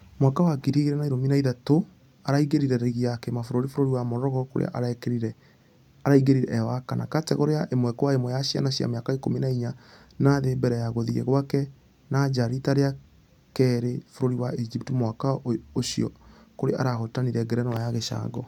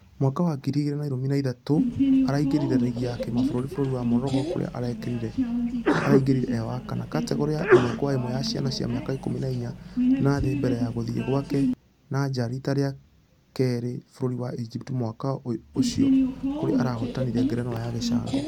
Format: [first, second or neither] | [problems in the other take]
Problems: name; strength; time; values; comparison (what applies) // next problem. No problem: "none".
first | background sound (Sneeze); as loud as the speech